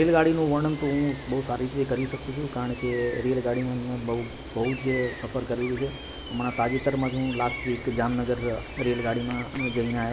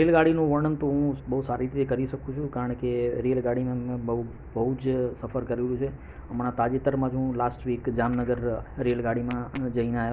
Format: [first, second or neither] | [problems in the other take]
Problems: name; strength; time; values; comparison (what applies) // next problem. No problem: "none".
second | background sound (Gull, seagull); 12 dB below the speech